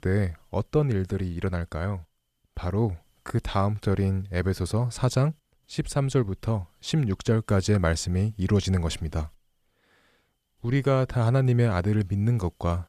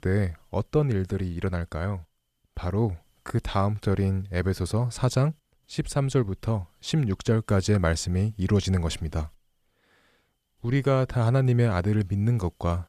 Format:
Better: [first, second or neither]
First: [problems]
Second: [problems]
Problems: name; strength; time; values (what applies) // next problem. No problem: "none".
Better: neither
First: none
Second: none